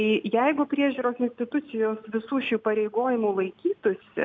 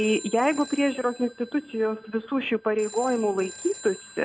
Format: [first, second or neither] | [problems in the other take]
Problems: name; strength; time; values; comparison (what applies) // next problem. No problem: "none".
first | background sound (Telephone); 17 dB below the speech